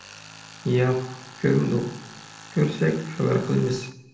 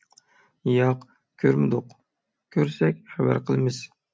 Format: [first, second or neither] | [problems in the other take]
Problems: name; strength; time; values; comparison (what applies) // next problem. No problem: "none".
second | background sound (Tools); 19 dB below the speech // room echo; dies away in 0.8 s